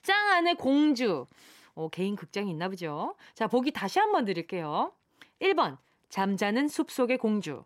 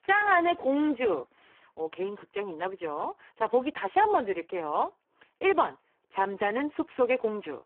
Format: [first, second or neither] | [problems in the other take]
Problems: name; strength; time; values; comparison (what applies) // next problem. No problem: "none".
first | phone-call audio; poor line